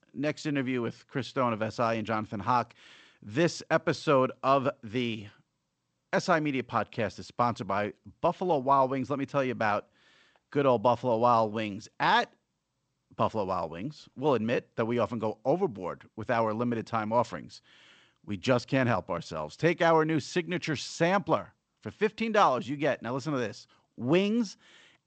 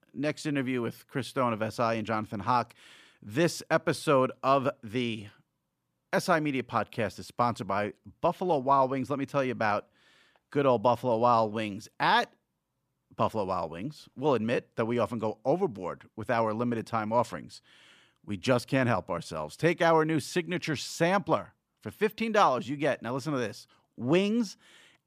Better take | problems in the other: second | garbled, watery; slightly; nothing above 8 kHz

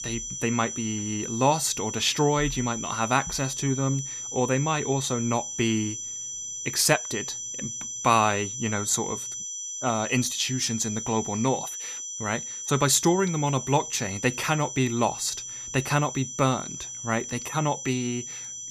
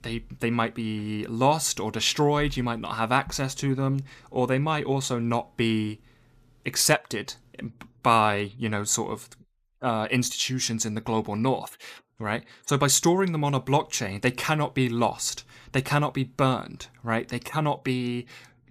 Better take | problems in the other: second | high-pitched whine; loud; throughout; 6 kHz, 6 dB below the speech

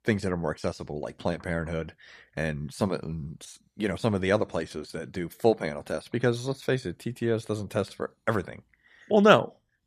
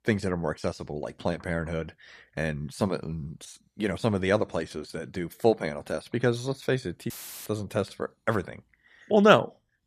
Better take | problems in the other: first | audio cutting out; filled with static; at 7 s

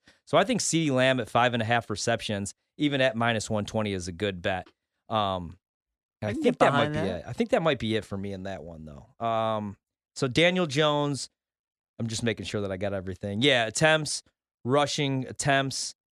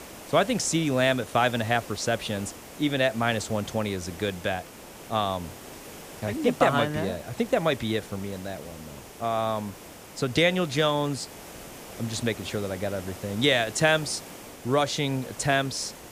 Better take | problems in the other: first | hiss; noticeable; throughout; 15 dB below the speech

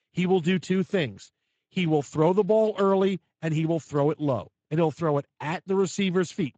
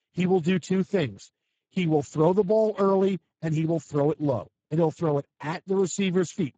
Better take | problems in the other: first | garbled, watery; badly; nothing above 7.5 kHz; slightly in the first

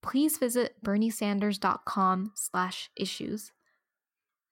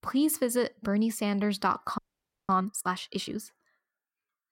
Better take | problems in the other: first | audio freezing; at 2 s for 0.5 s

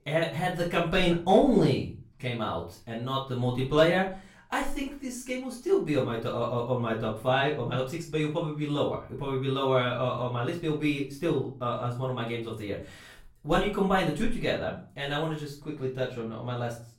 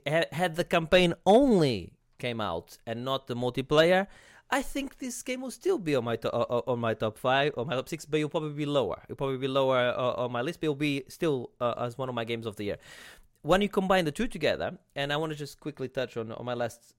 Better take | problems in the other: second | off-mic speech; far // room echo; slight; dies away in 0.4 s

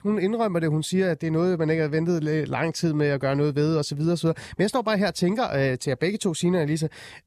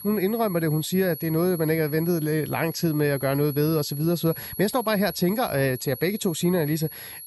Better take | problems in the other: first | high-pitched whine; noticeable; throughout; 11.5 kHz, 10 dB below the speech

